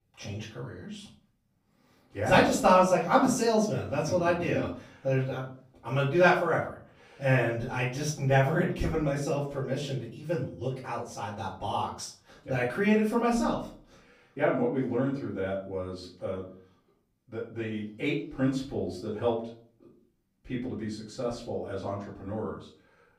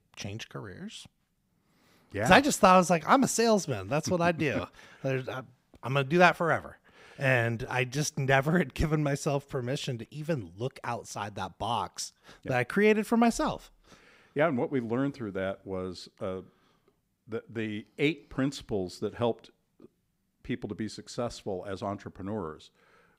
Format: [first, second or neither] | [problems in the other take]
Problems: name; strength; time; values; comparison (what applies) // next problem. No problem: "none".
second | off-mic speech; far // room echo; slight; dies away in 0.4 s